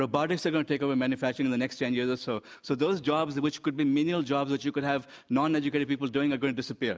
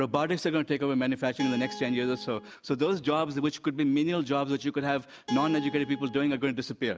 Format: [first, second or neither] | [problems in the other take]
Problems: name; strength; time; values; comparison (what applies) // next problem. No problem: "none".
first | background sound (Guitar); 13 dB below the speech